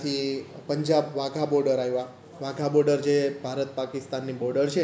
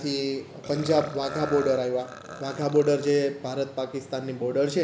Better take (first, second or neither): first